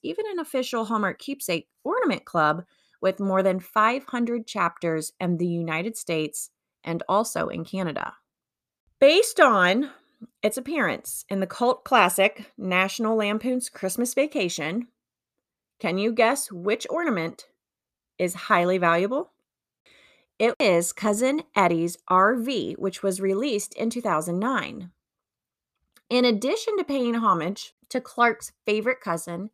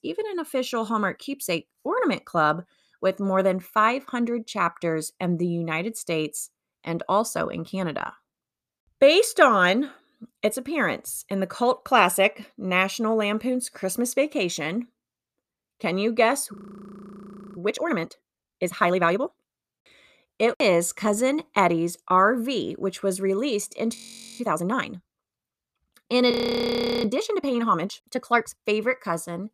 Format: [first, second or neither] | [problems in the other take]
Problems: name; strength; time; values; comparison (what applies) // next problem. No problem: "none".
first | audio freezing; at 17 s for 1 s, at 24 s and at 26 s for 0.5 s